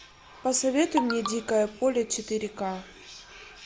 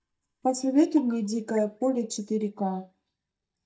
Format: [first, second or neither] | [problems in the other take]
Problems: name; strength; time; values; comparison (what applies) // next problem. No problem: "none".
first | noise reduction (neural mask model DeepFilterNet 3)